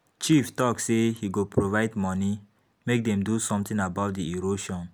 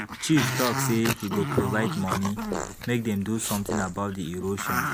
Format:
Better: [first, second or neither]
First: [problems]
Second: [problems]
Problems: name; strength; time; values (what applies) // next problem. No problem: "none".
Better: first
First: none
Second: background sound (Growling + Fart); 3 dB below the speech